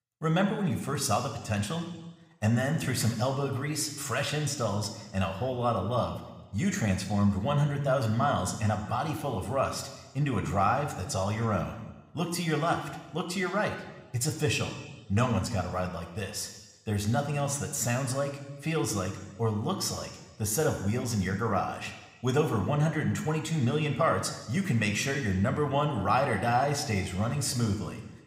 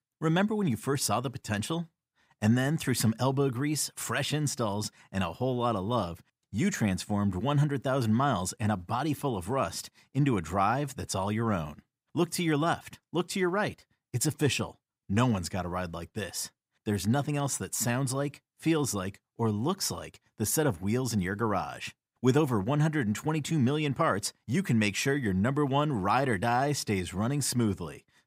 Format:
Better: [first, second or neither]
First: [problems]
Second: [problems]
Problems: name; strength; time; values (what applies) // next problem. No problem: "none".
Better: second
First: room echo; slight; dies away in 1.1 s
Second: none